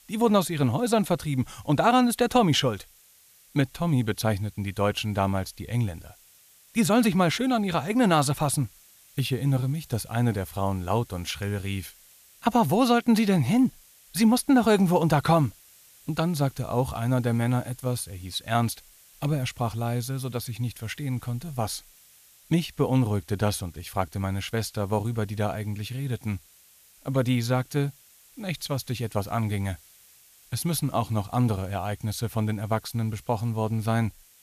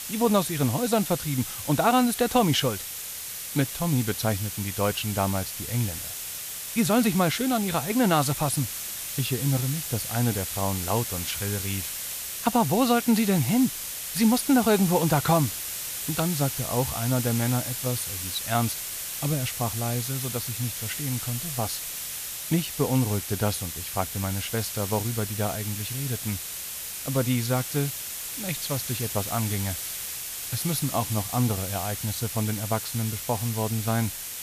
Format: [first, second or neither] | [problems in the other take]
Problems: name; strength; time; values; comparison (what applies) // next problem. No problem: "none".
first | hiss; loud; throughout; 4 dB below the speech; faint in the first